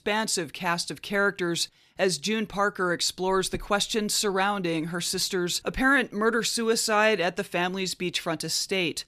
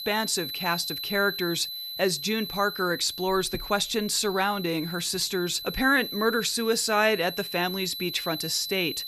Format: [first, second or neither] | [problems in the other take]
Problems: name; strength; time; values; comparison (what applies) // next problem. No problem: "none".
first | high-pitched whine; loud; throughout; 4 kHz, 7 dB below the speech